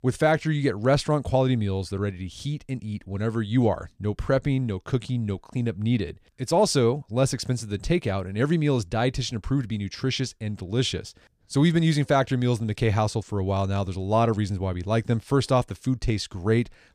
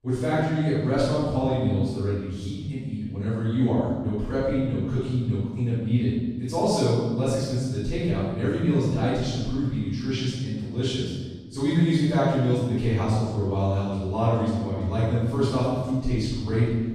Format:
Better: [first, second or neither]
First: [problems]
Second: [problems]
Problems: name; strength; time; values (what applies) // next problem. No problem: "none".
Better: first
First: none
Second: off-mic speech; far // room echo; strong; dies away in 1.4 s